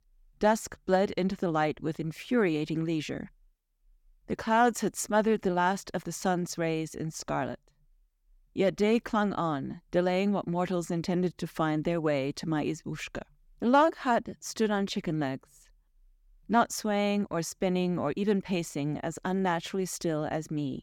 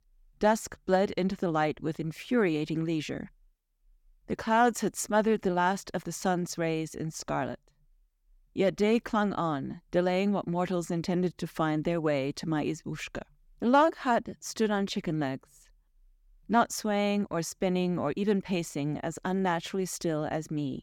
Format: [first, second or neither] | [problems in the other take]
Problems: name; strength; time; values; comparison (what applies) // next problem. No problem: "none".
neither | none